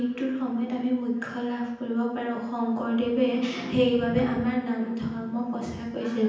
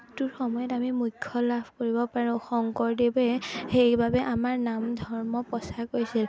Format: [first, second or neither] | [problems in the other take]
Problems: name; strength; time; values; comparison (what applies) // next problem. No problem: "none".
second | room echo; dies away in 0.9 s